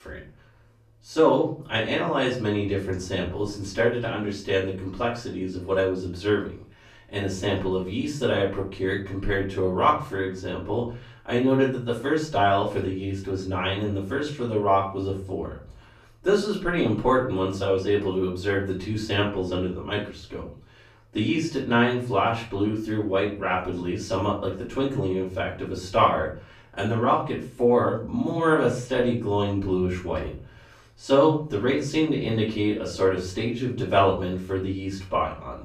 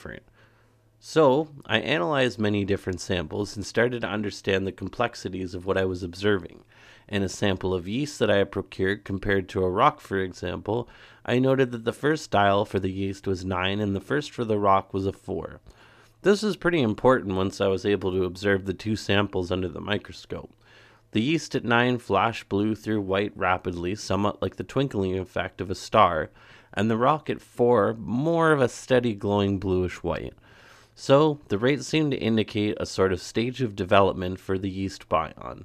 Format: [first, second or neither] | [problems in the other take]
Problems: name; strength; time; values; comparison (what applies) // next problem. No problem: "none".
second | off-mic speech; far // room echo; slight; dies away in 0.4 s